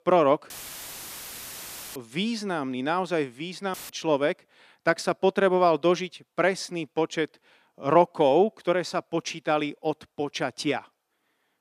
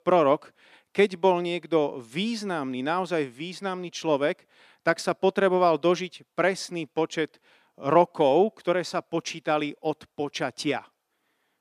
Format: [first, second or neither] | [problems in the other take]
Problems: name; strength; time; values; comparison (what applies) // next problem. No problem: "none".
second | audio cutting out; filled with static; at 0.5 s for 1.5 s and at 3.5 s